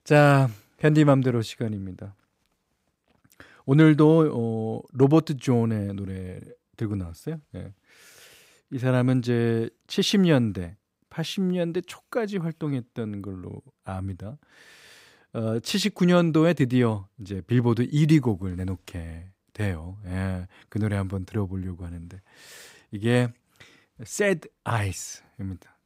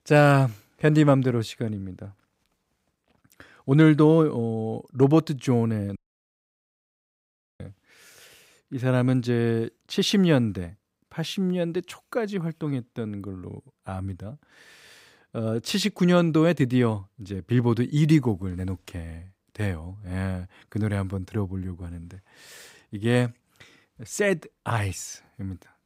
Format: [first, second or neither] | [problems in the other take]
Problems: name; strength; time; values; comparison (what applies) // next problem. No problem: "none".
first | audio cutting out; at 6 s for 1.5 s